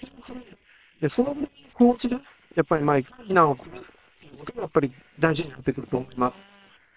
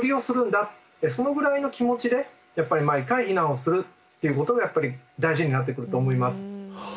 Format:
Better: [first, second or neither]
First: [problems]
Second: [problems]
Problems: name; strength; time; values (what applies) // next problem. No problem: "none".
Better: second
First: noise reduction (neural separator model SepFormer WHAM!)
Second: none